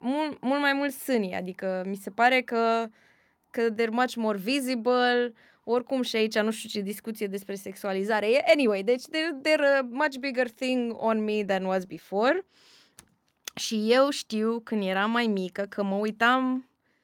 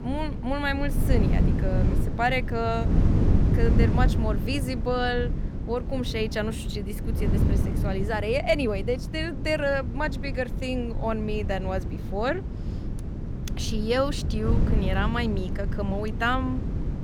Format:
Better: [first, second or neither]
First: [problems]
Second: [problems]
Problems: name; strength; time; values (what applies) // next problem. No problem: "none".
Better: first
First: none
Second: wind noise on the microphone; heavy; 9 dB below the speech